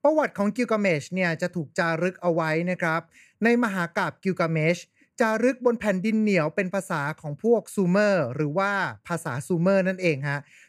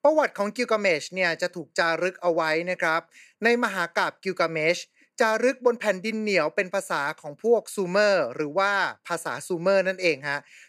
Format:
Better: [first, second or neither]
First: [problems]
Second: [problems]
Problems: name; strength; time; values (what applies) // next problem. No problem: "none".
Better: first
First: none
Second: thin; somewhat; fading below 350 Hz